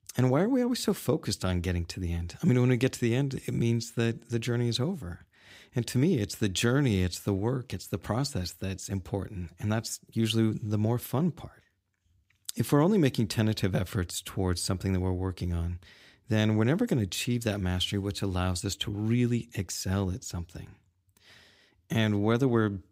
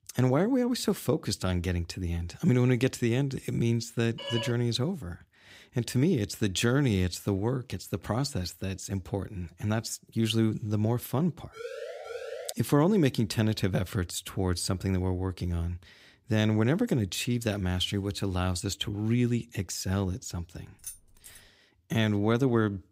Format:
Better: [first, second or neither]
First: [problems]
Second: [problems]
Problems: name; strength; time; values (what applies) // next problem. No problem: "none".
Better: first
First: none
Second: phone ringing; noticeable; at 4 s; peak 6 dB below the speech // siren; noticeable; at 12 s; peak 10 dB below the speech // jangling keys; faint; at 21 s; peak 15 dB below the speech